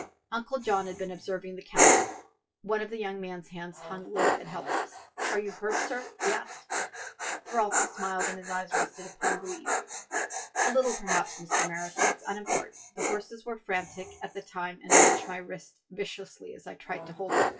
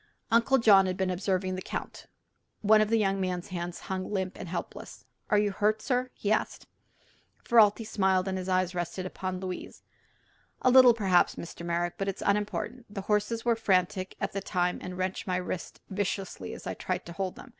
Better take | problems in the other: second | noise reduction (classical method WPE with log-MMSE)

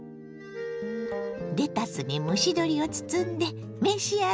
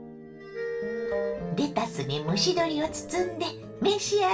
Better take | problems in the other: first | room echo; dies away in 0.2 s

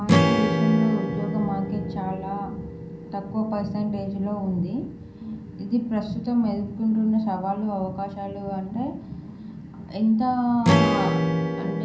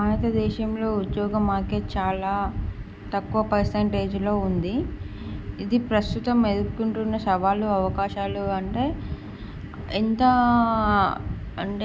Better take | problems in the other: second | background sound (Strum); 2 dB below the speech // room echo; dies away in 0.6 s

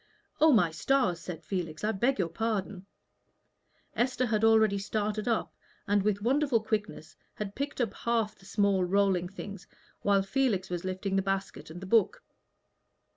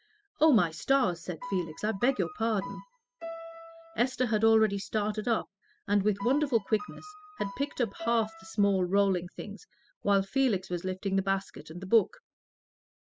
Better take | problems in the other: first | noise reduction (classical method spectral subtraction)

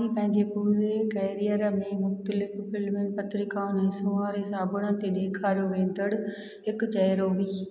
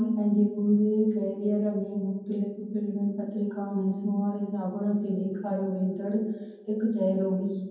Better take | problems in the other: first | room echo; dies away in 0.6 s

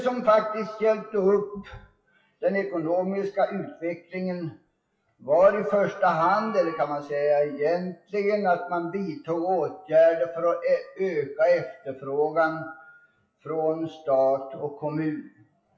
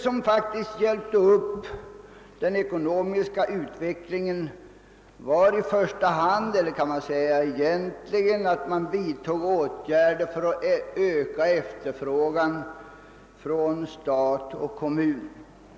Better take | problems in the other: second | noise reduction (classical method WPE with log-MMSE)

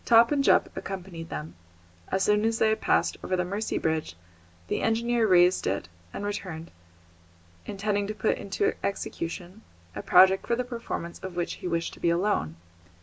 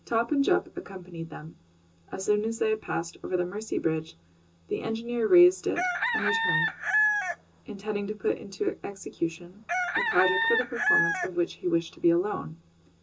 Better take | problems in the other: first | background sound (Chicken, rooster); as loud as the speech // room echo; dies away in 0.2 s

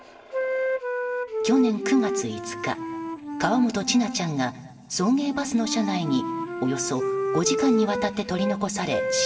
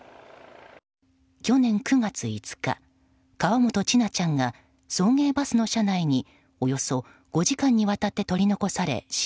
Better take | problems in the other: second | background sound (Wind instrument, woodwind instrument); 3 dB below the speech // room echo; dies away in 1.7 s

